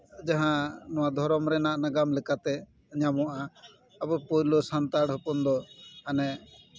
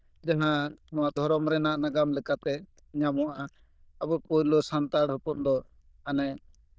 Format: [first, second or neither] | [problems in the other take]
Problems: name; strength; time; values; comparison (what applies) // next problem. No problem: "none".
first | noise reduction (neural diffusion model UNIVERSE++)